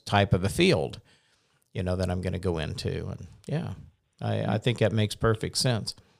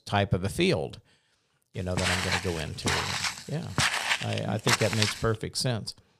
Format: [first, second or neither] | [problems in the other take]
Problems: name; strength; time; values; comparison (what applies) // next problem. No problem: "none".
first | footsteps; loud; from 2 to 5 s; peak 6 dB above the speech